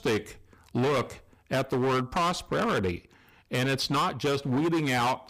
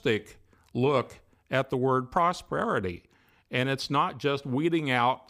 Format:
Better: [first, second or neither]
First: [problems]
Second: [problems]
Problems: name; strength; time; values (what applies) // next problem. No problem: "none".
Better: second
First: distortion; heavy; 20% of the sound clipped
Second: none